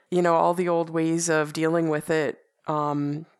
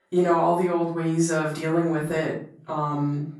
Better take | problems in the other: first | off-mic speech; far // room echo; noticeable; dies away in 0.5 s

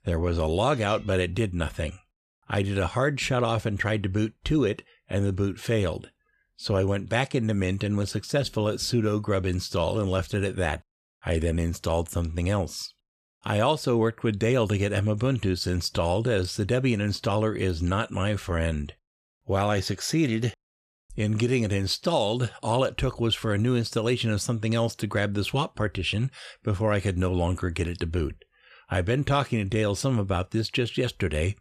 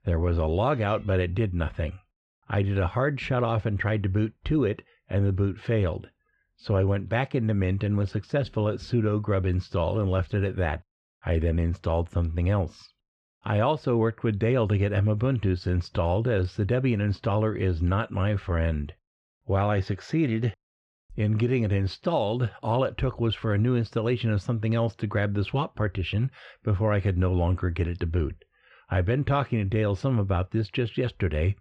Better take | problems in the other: first | muffled; slightly; fading above 2.5 kHz

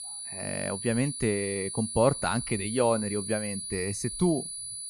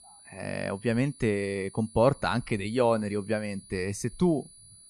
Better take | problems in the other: second | high-pitched whine; loud; throughout; 10 kHz, 5 dB below the speech; faint in the second

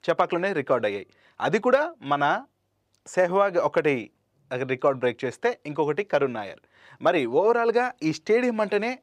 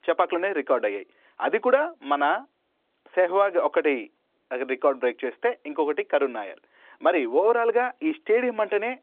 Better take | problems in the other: first | phone-call audio; nothing above 3.5 kHz

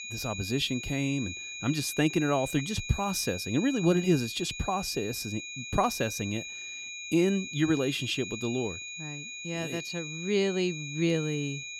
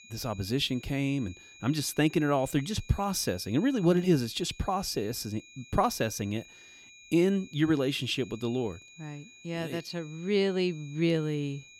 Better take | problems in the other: second | high-pitched whine; loud; throughout; 2.5 kHz, 7 dB below the speech; faint in the second

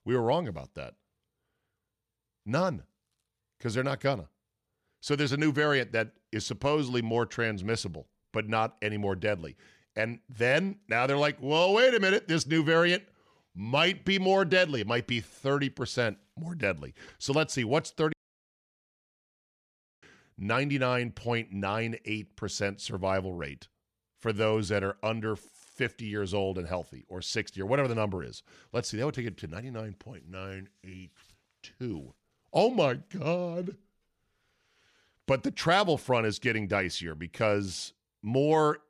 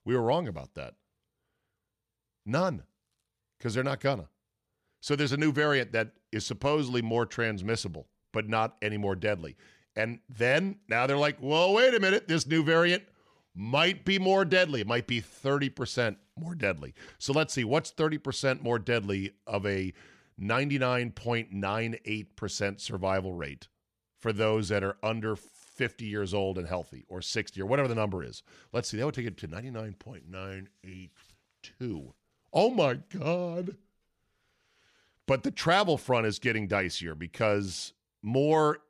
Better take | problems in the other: second | audio cutting out; at 18 s for 2 s

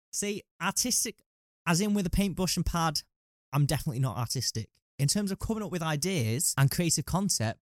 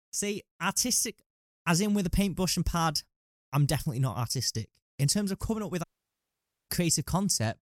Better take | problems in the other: first | audio cutting out; at 6 s for 1 s

